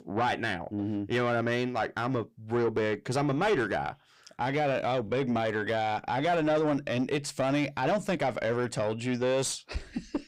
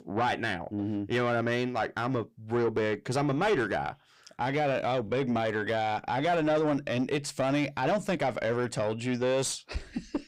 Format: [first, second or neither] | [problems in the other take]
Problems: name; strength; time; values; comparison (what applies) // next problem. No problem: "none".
neither | distortion; slight; 10 dB below the speech; the same in both